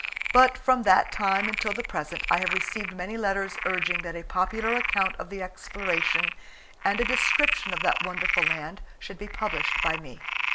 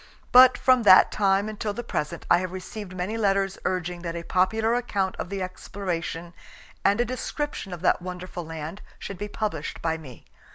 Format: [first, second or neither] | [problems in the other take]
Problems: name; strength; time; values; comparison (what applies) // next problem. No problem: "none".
second | background sound (Frog); 2 dB below the speech // room echo; dies away in 0.4 s